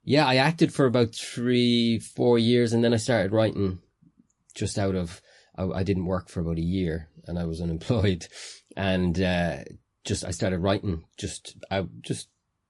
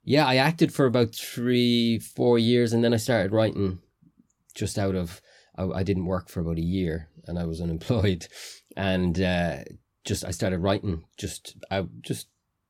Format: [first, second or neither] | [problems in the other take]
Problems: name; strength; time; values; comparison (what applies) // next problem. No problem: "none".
second | garbled, watery; slightly; nothing above 11 kHz